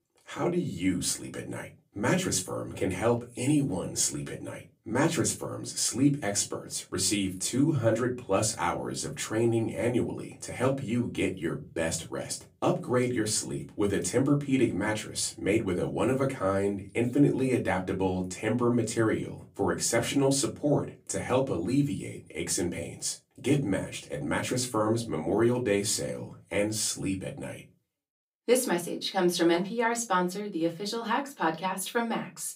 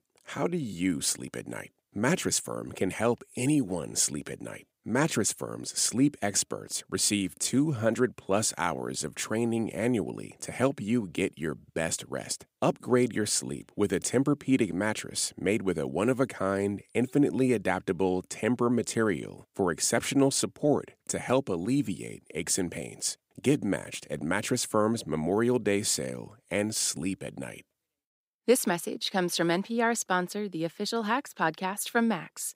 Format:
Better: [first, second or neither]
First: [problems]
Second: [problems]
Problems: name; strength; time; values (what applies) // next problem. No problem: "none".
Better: second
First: off-mic speech; far // room echo; very slight; dies away in 0.2 s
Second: none